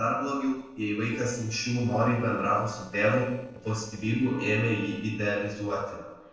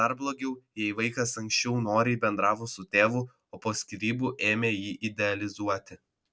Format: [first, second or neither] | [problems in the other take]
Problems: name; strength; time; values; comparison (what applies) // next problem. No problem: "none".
second | noise reduction (neural separator model SepFormer DNS4)